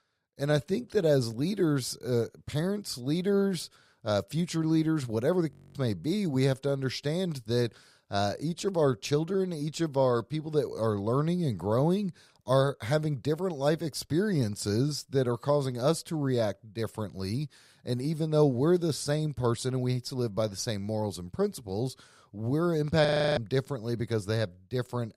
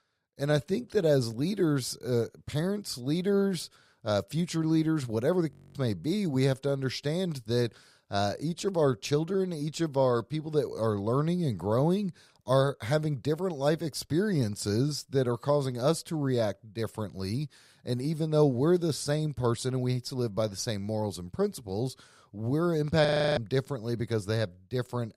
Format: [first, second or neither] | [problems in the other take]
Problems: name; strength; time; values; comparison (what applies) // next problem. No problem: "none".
neither | audio freezing; at 5.5 s and at 23 s; the same in both